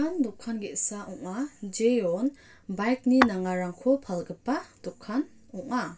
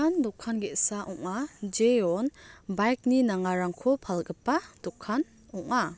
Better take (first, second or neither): second